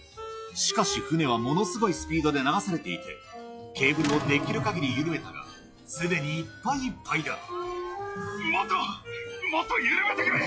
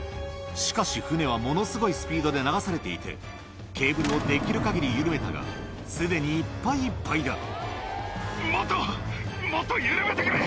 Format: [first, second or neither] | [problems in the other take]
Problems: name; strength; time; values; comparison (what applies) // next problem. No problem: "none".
second | noise reduction (classical method log-MMSE)